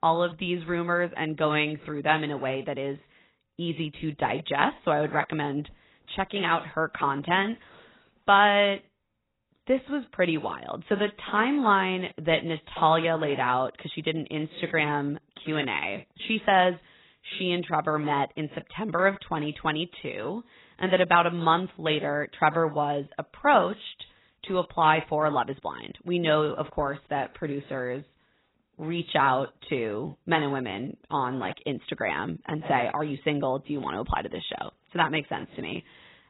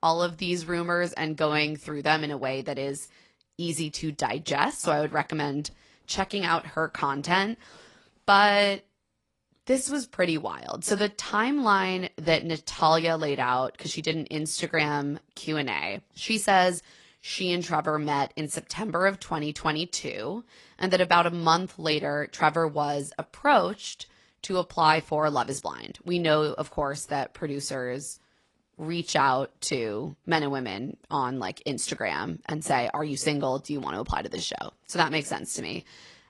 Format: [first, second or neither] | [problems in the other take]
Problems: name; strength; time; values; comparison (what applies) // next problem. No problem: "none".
second | garbled, watery; badly; nothing above 4 kHz; slightly in the second